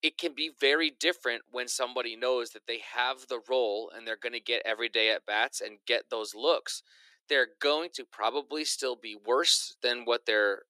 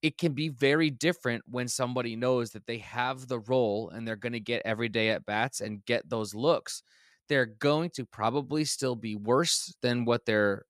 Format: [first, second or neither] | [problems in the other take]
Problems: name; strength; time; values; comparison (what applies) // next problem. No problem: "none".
second | thin; very; fading below 350 Hz